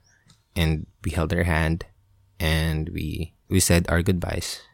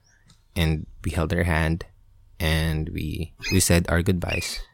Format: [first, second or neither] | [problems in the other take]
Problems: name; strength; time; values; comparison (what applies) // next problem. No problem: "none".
first | animal sounds; loud; throughout; 9 dB below the speech